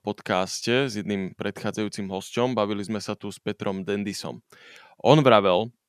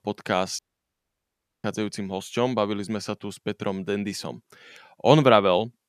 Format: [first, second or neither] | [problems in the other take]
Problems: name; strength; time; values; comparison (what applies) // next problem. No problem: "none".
first | audio cutting out; at 0.5 s for 1 s